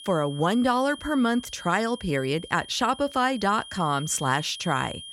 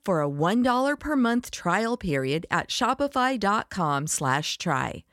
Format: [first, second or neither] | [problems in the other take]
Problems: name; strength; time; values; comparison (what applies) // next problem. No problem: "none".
second | high-pitched whine; noticeable; throughout; 3 kHz, 15 dB below the speech